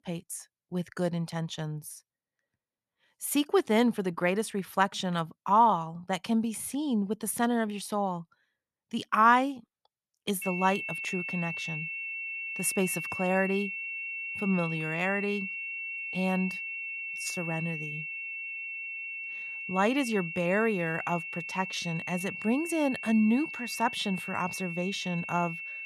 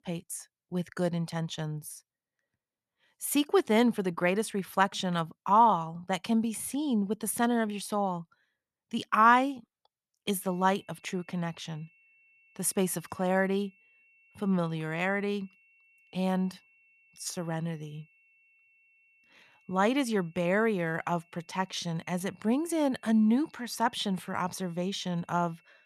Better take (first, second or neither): second